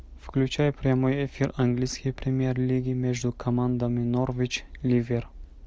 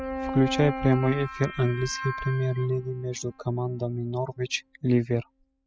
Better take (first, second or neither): first